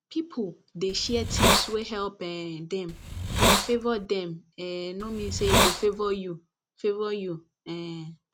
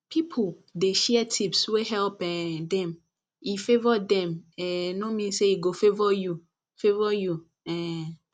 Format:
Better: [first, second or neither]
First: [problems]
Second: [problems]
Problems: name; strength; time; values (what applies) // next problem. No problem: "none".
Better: second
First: background sound (Hiss); 5 dB above the speech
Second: none